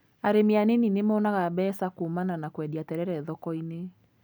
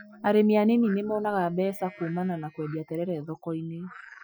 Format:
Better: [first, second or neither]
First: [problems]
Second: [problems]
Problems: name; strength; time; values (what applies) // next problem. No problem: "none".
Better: first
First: none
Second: noise reduction (classical method Wiener filter)